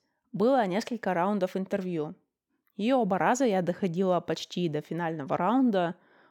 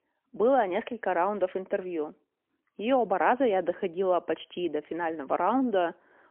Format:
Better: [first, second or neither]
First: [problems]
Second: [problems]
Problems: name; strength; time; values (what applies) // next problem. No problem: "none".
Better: first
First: none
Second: phone-call audio; poor line; nothing above 3.5 kHz